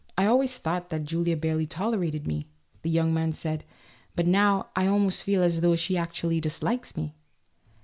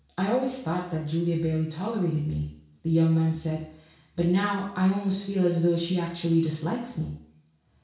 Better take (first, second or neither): first